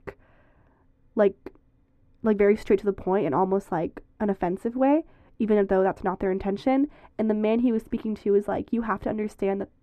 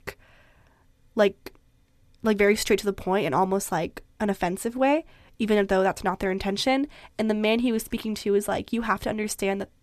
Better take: second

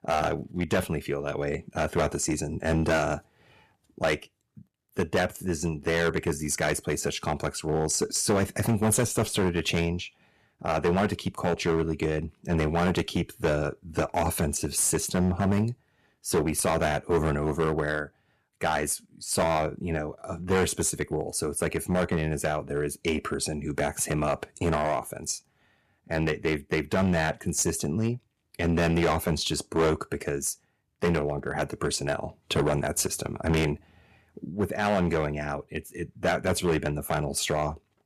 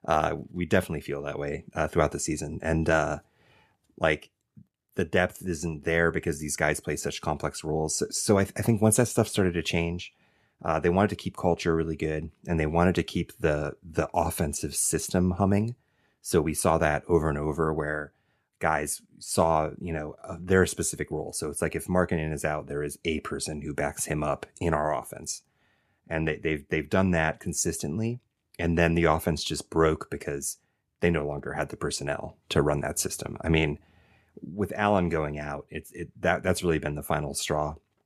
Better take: second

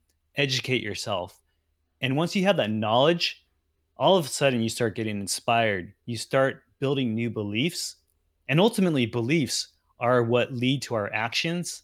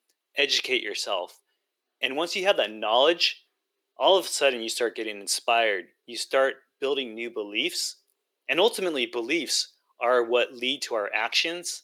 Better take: first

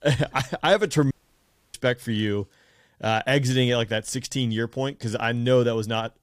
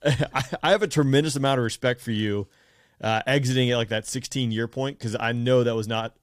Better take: second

